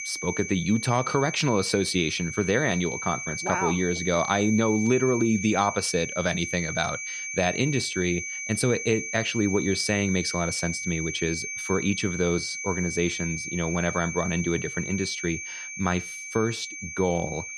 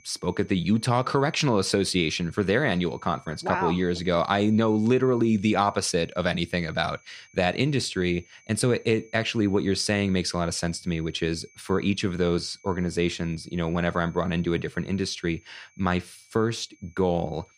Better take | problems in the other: second | high-pitched whine; loud; throughout; 2.5 kHz, 6 dB below the speech; faint in the second

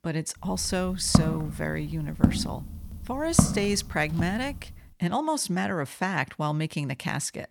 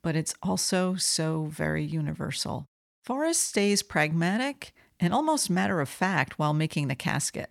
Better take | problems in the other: second | footsteps; loud; from 1 to 4 s; peak 4 dB above the speech

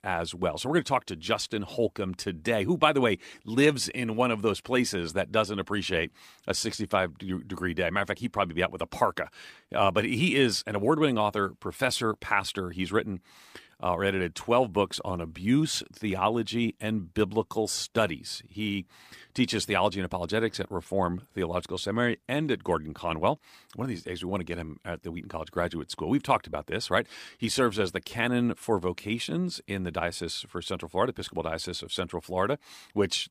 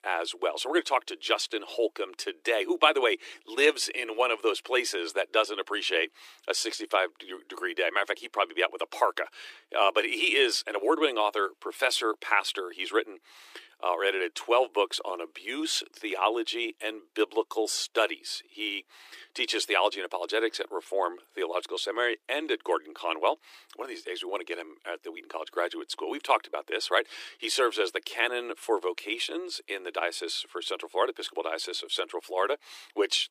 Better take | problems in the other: first | thin; very; fading below 350 Hz

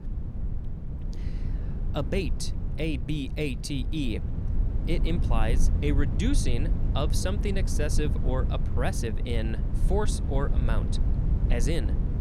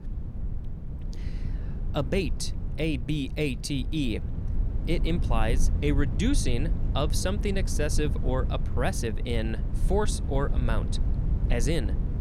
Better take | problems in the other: second | wind noise on the microphone; heavy; 9 dB below the speech; occasional gusts in the second

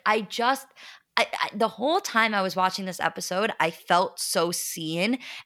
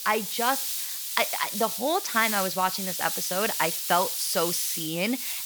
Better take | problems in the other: first | hiss; loud; throughout; 1 dB below the speech

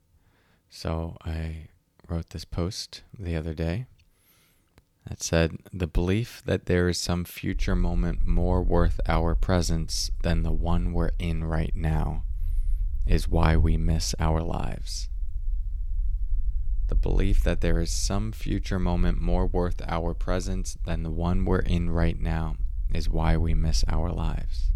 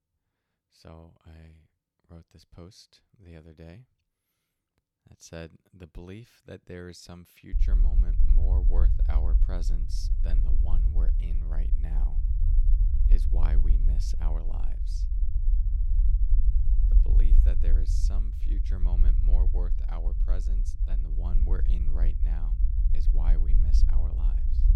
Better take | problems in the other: first | low rumble; loud; from 7.5 s on; 2 dB below the speech; faint in the first

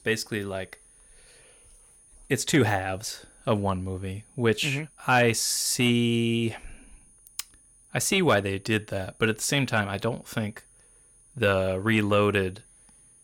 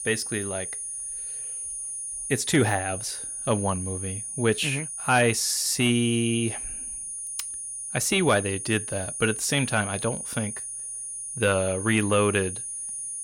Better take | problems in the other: first | high-pitched whine; loud; throughout; 9.5 kHz, 6 dB below the speech; faint in the first

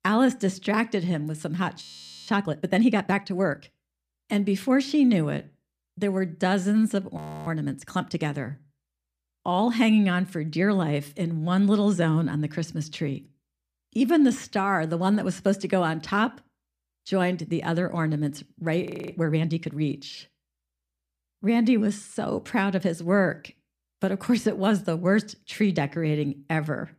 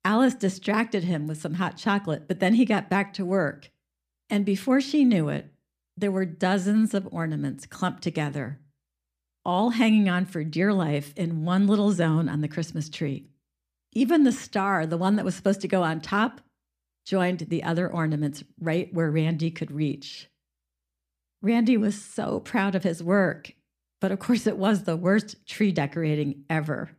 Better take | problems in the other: second | audio freezing; at 2 s, at 7 s and at 19 s

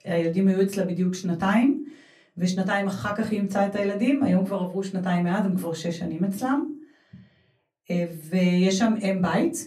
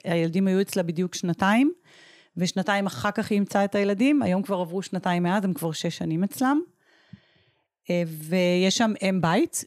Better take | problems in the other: second | off-mic speech; far // room echo; very slight; dies away in 0.3 s

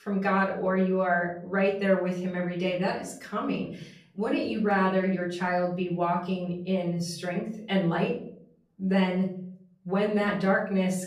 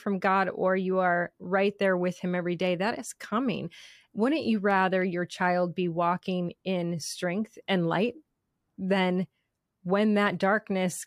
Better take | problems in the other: second | room echo; slight; dies away in 0.5 s // off-mic speech; far

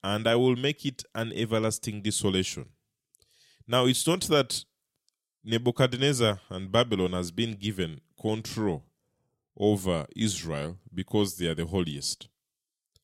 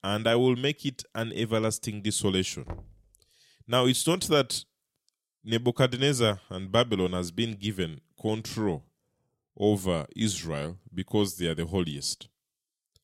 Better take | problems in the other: first | door banging; faint; at 2.5 s; peak 15 dB below the speech

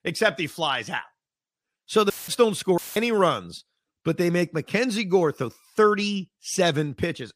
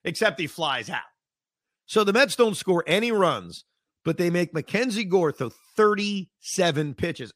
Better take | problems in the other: second | audio cutting out; filled with static; at 2 s and at 3 s

